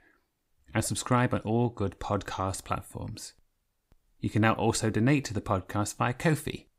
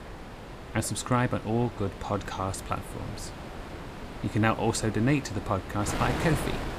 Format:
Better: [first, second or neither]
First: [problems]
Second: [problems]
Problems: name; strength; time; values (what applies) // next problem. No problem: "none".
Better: first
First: none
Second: wind noise on the microphone; heavy; 8 dB below the speech